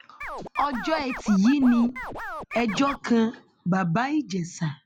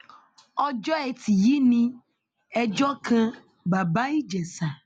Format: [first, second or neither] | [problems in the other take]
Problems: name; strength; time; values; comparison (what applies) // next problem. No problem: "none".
second | background sound (Scratching (performance technique)); 11 dB below the speech